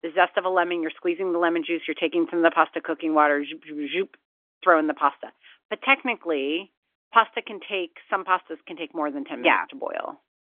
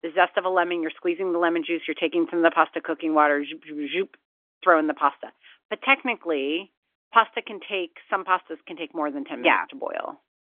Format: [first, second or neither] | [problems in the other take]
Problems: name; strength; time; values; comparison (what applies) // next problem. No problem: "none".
neither | phone-call audio; nothing above 3.5 kHz; the same in both